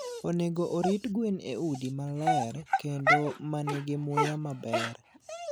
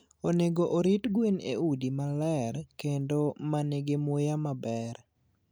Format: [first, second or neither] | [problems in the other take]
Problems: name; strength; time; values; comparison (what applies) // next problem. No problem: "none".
second | background sound (Dog); 1 dB below the speech